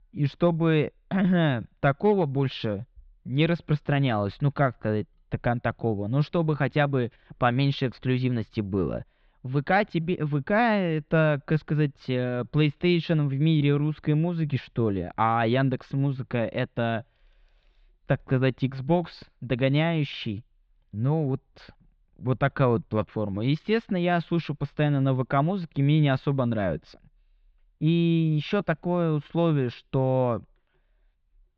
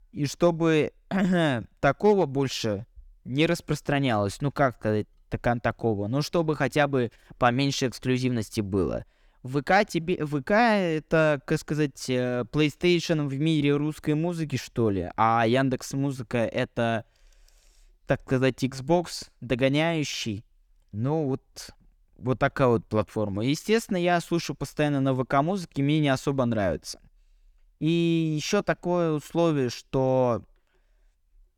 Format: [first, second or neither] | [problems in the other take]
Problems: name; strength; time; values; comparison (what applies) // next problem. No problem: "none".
second | muffled; slightly; fading above 4 kHz